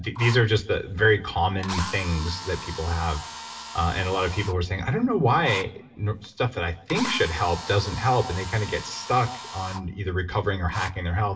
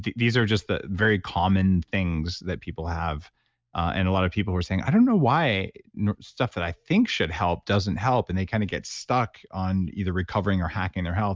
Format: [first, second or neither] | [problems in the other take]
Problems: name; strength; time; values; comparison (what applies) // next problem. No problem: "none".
second | background sound (Drill); 13 dB below the speech // room echo; dies away in 0.8 s